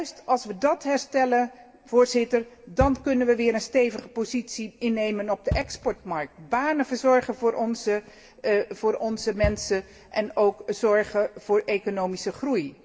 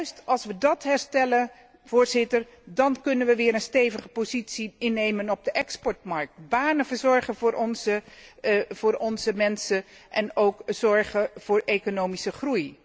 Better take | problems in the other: second | background sound (Bass drum); 12 dB below the speech // room echo; dies away in 1.1 s

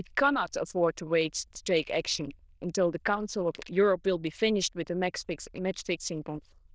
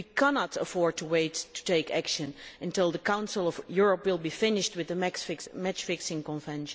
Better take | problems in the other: second | noise reduction (neural diffusion model UNIVERSE++)

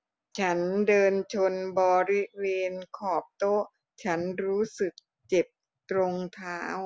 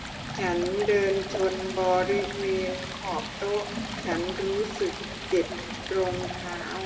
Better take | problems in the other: first | background sound (Stream); 6 dB below the speech // room echo; dies away in 1.6 s

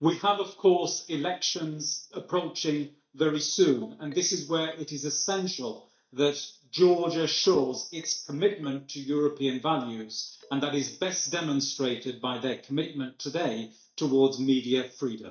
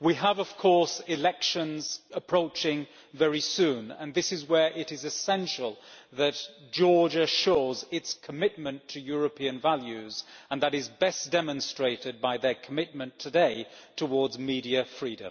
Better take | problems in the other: second | noise reduction (neural mask model DeepFilterNet 3)

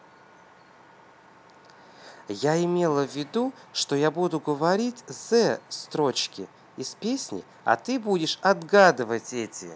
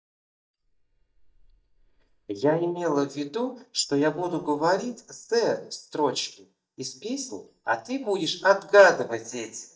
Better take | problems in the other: first | noise reduction (neural mask model DeepFilterNet 3)

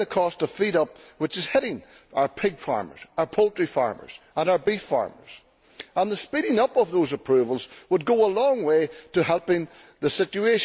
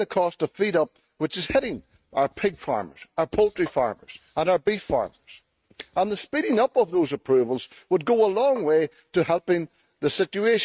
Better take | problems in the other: first | noise reduction (neural mask model RNNoise)

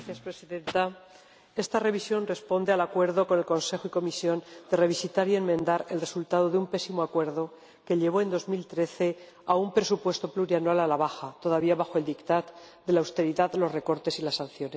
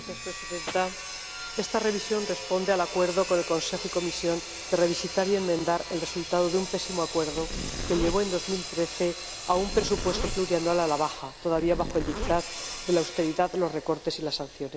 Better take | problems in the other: first | background sound (Sawing + Zipper (clothing)); 8 dB below the speech

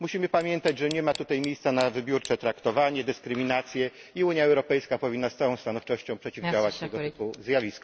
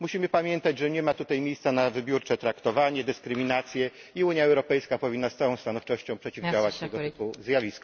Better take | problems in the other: second | background sound (Tick); 18 dB below the speech

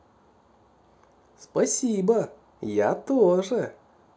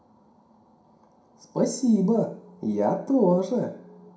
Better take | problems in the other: first | room echo; dies away in 0.5 s

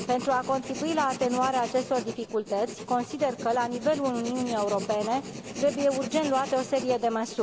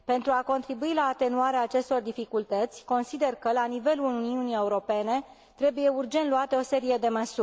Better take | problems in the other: second | background sound (Writing); 10 dB below the speech

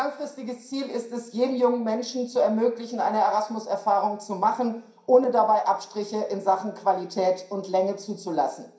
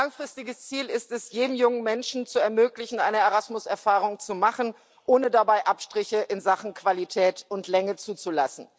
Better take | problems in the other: second | room echo; dies away in 0.5 s

